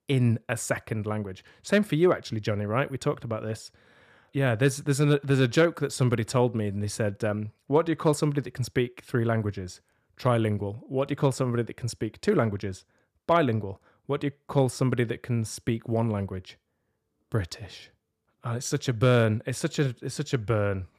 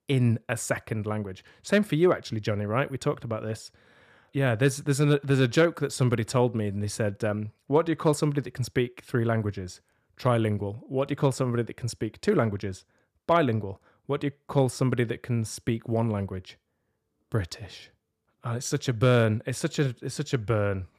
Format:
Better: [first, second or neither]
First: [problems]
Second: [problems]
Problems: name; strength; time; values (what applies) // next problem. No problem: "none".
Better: neither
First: none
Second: none